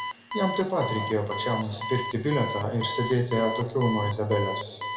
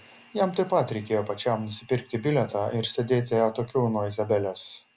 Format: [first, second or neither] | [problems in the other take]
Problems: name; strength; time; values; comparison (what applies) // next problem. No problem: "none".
second | background sound (Alarm); 7 dB below the speech // room echo; dies away in 1.5 s